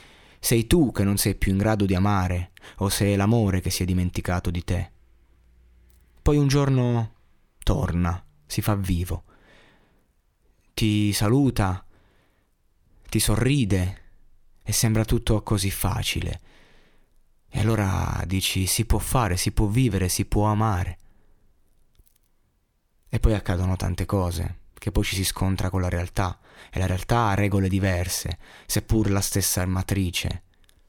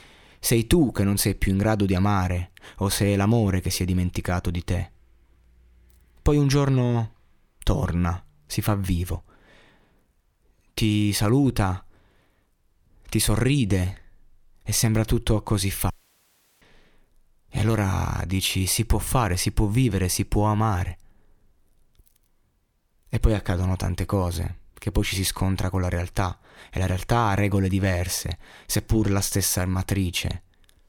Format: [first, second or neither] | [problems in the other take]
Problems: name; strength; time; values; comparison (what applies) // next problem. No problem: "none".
first | audio cutting out; at 16 s for 0.5 s